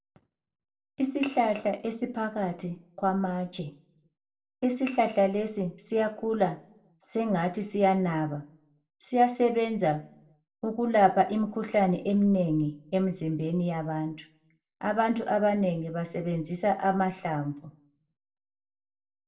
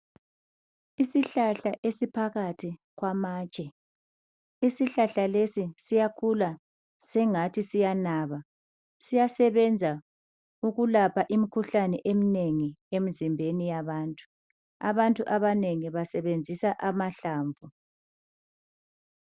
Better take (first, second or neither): second